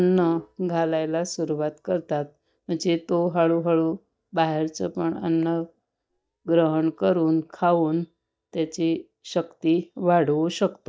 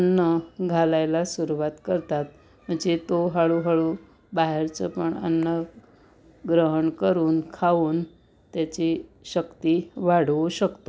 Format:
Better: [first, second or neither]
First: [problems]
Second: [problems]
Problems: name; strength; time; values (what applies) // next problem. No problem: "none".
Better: second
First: noise reduction (neural mask model DeepFilterNet 3)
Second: none